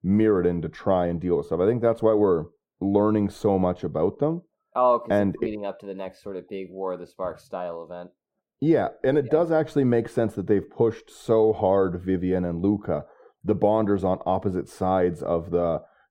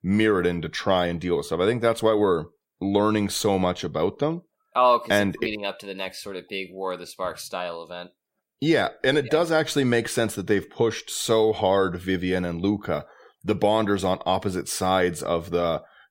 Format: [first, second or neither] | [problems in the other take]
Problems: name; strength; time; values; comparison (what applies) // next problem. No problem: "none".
second | muffled; very; fading above 1.5 kHz